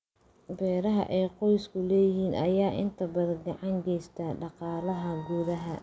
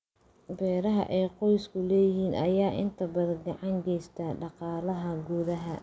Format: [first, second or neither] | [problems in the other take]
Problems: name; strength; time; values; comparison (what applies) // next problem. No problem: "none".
second | background sound (Wind instrument, woodwind instrument); 19 dB below the speech